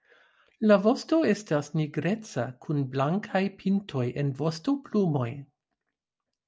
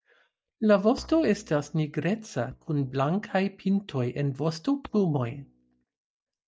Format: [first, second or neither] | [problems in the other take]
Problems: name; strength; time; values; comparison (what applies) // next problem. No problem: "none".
first | noise reduction (neural mask model DeepFilterNet 3)